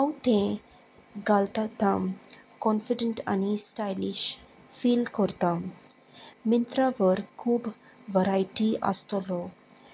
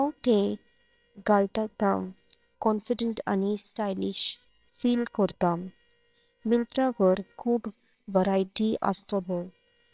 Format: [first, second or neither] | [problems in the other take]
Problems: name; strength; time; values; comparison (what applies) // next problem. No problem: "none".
first | noise reduction (neural separator model SepFormer WHAMR!)